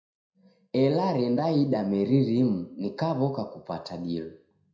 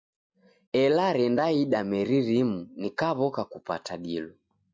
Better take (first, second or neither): second